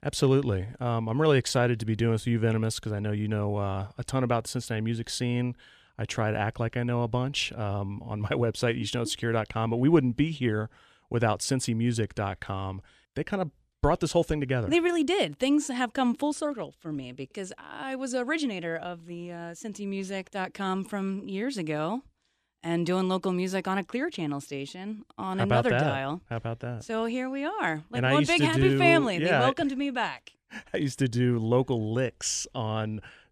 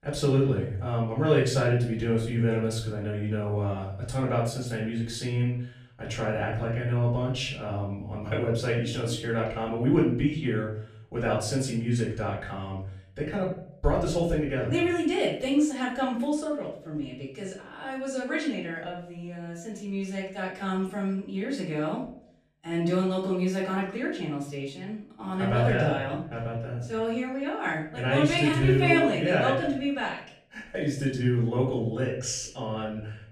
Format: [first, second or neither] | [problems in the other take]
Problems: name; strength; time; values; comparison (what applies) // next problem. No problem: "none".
first | off-mic speech; far // room echo; noticeable; dies away in 0.5 s